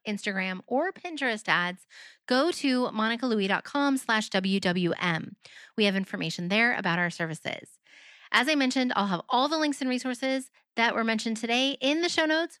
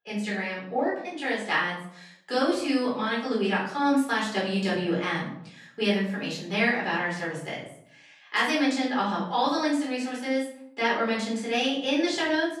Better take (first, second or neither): first